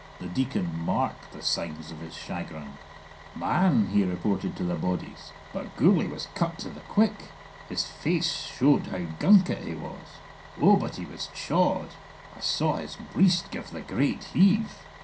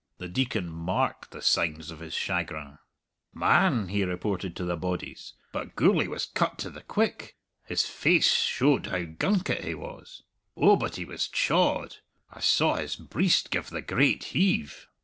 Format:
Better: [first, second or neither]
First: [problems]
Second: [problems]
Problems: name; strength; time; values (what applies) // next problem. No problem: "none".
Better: second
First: background sound (Bus); 19 dB below the speech // room echo; dies away in 0.3 s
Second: none